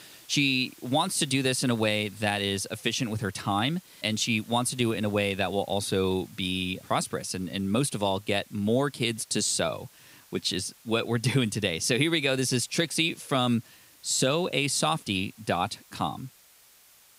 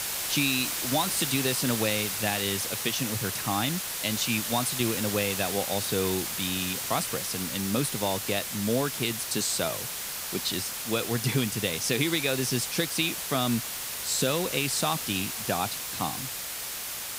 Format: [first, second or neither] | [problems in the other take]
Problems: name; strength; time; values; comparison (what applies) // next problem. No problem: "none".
first | hiss; loud; throughout; 2 dB below the speech; faint in the first